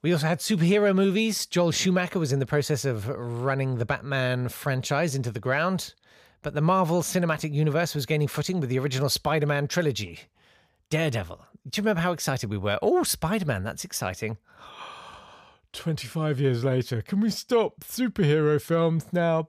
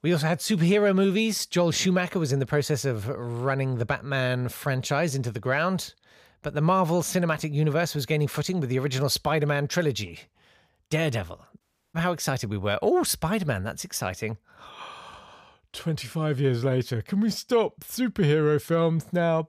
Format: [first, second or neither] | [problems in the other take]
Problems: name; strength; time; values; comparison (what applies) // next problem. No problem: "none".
first | audio cutting out; at 12 s